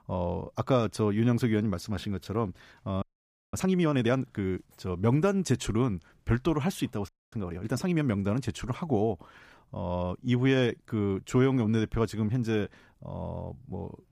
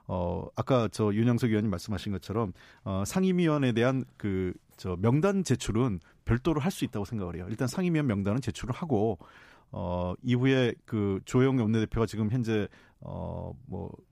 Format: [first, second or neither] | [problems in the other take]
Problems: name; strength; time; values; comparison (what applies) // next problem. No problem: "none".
second | audio freezing; at 3 s for 0.5 s and at 7 s